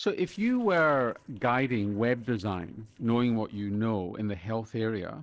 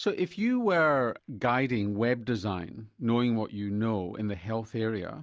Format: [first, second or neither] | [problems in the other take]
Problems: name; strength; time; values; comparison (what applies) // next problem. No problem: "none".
second | noise reduction (neural separator model SepFormer DNS4)